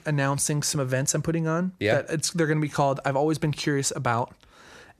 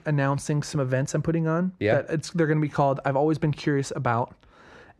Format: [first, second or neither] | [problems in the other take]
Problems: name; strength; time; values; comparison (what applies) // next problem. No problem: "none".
first | muffled; slightly; fading above 1.5 kHz